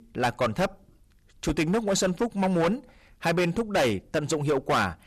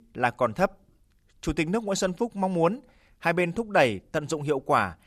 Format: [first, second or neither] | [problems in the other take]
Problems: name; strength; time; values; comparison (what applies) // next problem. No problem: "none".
second | distortion; heavy; 11% of the sound clipped